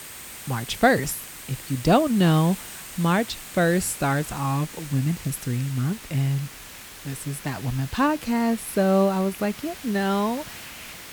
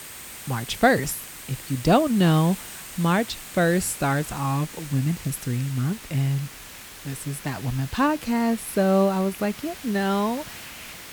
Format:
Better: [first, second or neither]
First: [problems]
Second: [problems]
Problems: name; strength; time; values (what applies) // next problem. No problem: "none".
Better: neither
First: hiss; noticeable; throughout; 15 dB below the speech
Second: hiss; noticeable; throughout; 15 dB below the speech